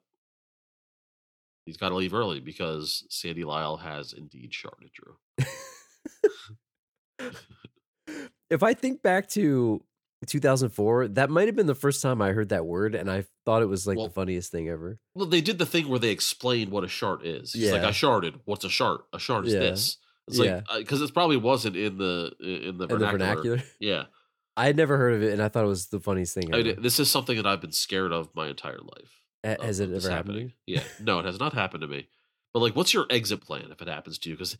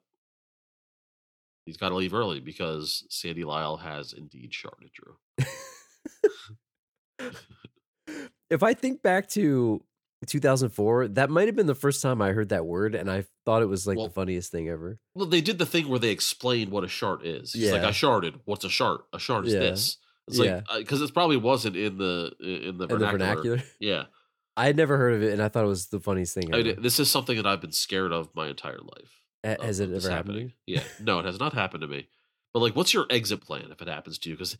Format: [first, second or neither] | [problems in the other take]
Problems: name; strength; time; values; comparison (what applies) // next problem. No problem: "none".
neither | none